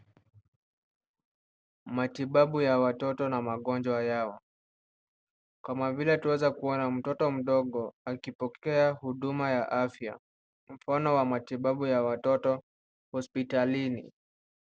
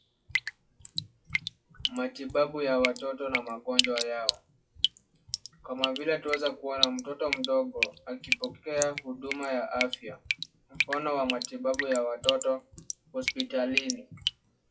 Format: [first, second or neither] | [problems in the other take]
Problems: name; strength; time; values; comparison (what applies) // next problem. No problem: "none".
first | noise reduction (classical method WPE with log-MMSE)